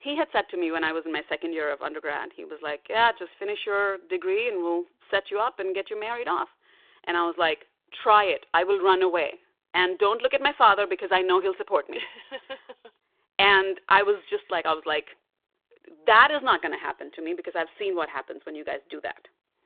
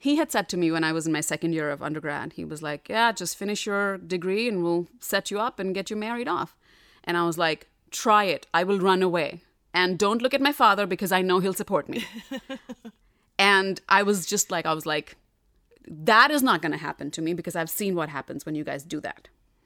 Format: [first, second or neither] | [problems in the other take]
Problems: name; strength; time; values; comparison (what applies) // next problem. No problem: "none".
second | phone-call audio